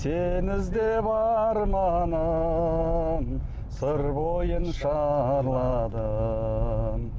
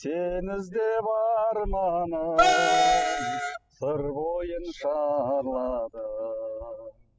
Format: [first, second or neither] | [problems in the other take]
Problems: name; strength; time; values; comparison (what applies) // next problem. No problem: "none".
first | noise reduction (classical method spectral subtraction)